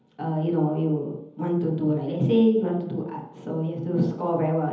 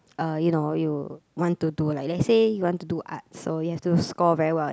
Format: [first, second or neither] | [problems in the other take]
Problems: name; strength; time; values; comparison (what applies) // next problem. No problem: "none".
second | room echo; dies away in 1.3 s